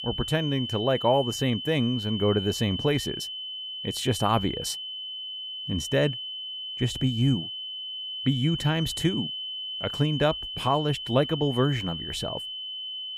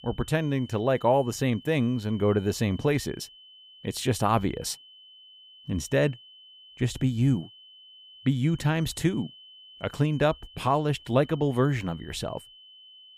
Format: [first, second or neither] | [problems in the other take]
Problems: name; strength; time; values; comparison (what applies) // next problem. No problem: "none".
second | high-pitched whine; loud; throughout; 3 kHz, 6 dB below the speech; faint in the second